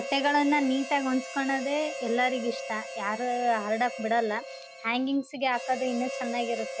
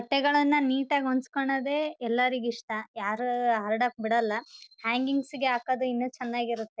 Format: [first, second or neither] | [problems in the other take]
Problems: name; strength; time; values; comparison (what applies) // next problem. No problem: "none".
second | background sound (Harmonica); 10 dB below the speech